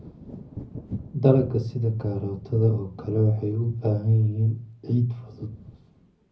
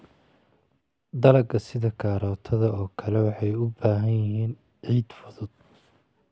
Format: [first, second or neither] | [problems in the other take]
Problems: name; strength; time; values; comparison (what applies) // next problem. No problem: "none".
second | background sound (Thunder / Wind); 17 dB below the speech // room echo; dies away in 0.4 s